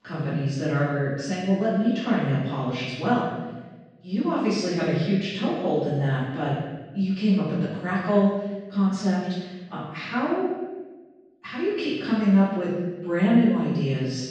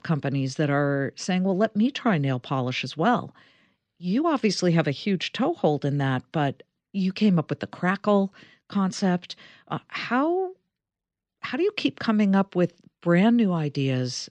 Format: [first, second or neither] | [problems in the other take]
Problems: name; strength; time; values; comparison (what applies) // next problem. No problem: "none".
second | off-mic speech; far // room echo; strong; dies away in 1.1 s